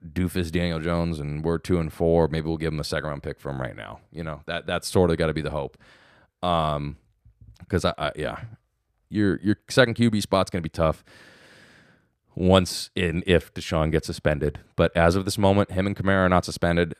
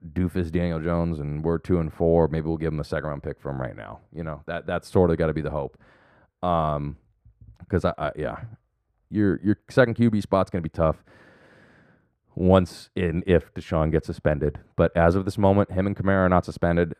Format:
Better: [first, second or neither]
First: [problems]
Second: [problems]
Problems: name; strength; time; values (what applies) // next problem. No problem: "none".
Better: first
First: none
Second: muffled; slightly; fading above 2 kHz